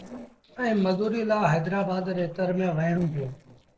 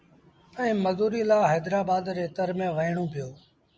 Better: second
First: noise reduction (neural separator model SepFormer DNS4)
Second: none

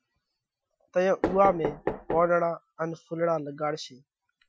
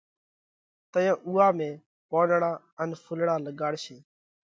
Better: second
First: noise reduction (classical method Wiener filter)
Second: none

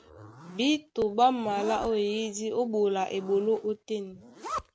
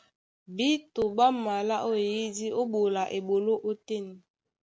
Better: second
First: background sound (Zipper (clothing)); 15 dB below the speech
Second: none

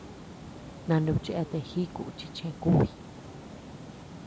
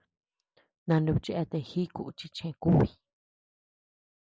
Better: second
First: background sound (Water); 13 dB below the speech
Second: none

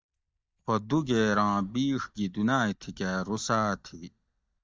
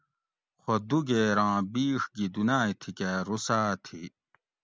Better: second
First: noise reduction (neural mask model DeepFilterNet 3)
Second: none

